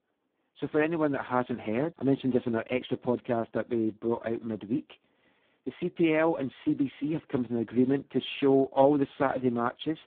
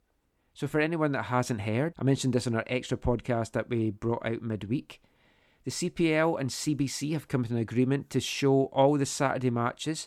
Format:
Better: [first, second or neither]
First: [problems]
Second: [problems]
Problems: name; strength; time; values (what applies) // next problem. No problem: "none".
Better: second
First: phone-call audio; poor line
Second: none